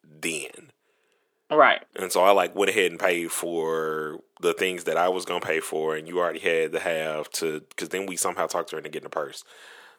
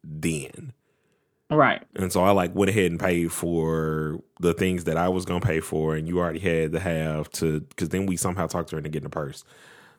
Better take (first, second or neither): second